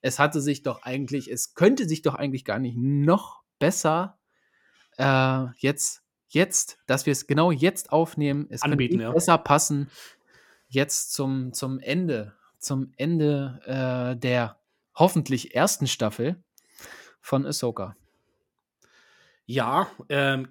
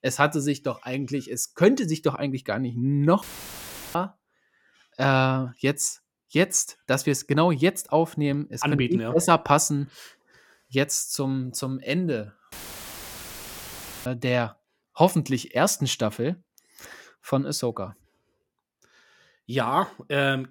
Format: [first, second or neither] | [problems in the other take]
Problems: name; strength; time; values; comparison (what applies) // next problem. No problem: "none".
first | audio cutting out; filled with static; at 3 s for 0.5 s and at 13 s for 1.5 s